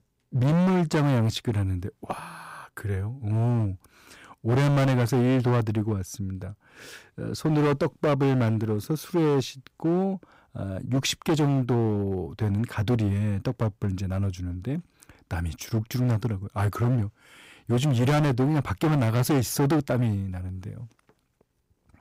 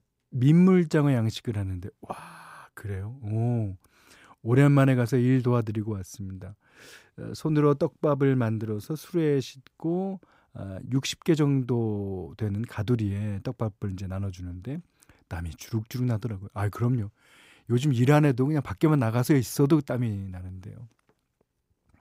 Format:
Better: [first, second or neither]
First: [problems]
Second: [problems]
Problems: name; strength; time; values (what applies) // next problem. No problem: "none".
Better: second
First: distortion; heavy; 13% of the sound clipped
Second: none